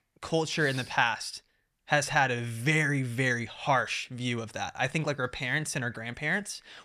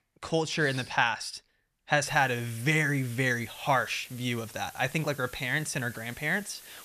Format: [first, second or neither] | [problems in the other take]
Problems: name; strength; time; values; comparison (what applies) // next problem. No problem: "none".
first | hiss; noticeable; from 2 s on; 20 dB below the speech